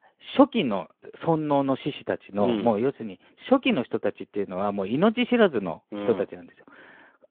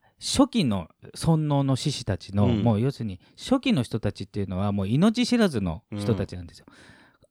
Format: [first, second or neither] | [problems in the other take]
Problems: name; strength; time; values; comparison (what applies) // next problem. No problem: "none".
second | phone-call audio